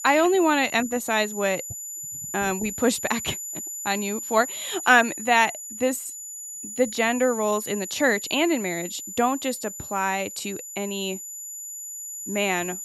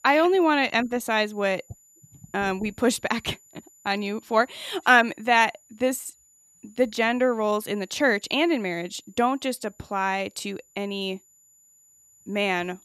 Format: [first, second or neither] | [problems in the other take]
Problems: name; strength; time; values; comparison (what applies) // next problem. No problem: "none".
second | high-pitched whine; loud; throughout; 7 kHz, 9 dB below the speech; faint in the second